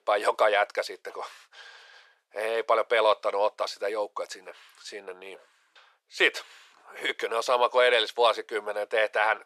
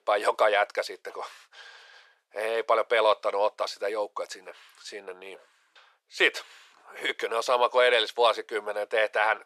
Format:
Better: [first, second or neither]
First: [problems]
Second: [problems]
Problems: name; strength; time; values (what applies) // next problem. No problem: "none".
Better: neither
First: thin; very; fading below 500 Hz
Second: thin; very; fading below 500 Hz